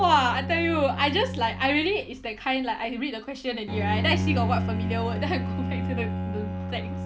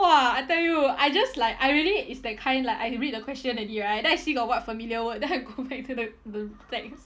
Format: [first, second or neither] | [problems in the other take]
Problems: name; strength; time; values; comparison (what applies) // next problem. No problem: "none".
second | background sound (Bowed string instrument); 3 dB below the speech